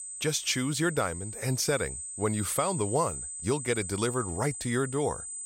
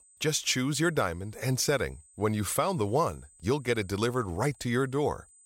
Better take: second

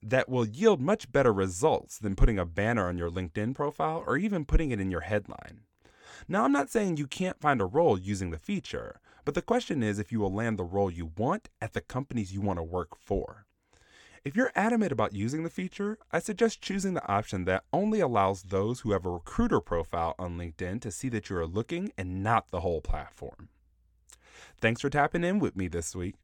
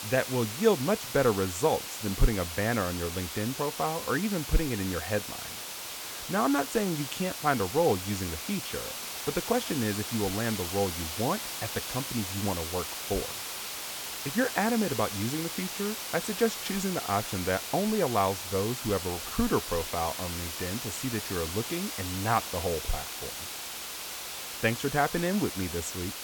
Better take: first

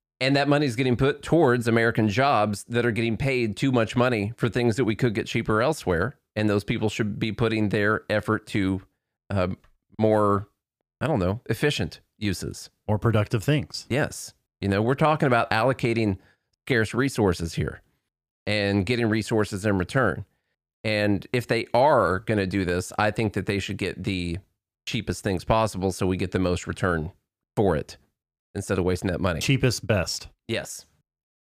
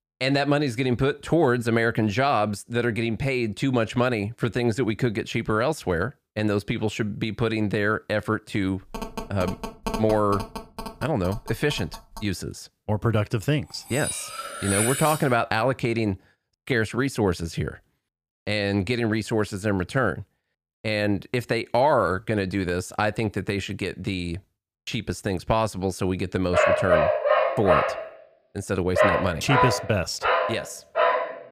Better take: first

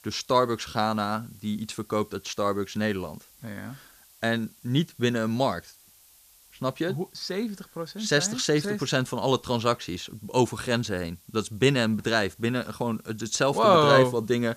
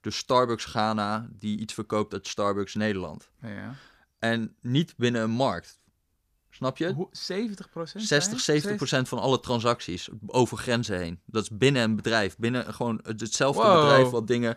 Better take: second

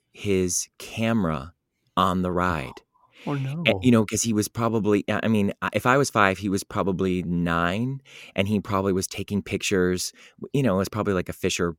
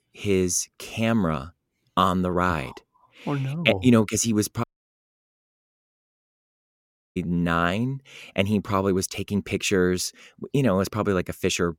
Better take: first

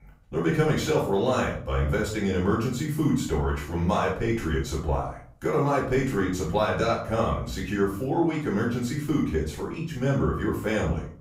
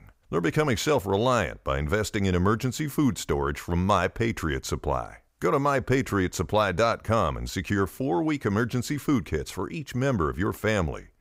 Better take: second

